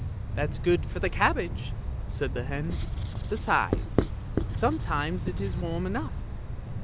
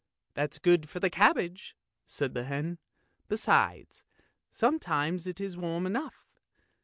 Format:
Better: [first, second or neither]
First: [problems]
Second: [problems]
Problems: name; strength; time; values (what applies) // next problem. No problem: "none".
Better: second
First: background sound (Writing + Wind); as loud as the speech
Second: none